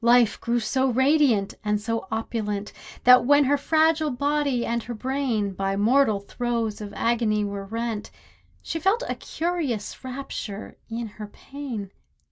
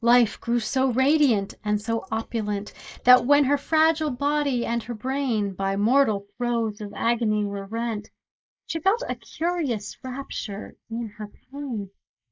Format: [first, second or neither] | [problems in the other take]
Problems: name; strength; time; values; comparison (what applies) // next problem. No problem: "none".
first | noise reduction (neural mask model Resemble Enhance denoiser)